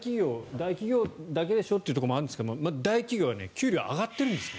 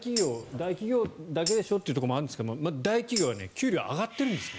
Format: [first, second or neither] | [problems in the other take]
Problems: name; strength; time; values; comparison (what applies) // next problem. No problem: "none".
first | background sound (Tambourine); 11 dB below the speech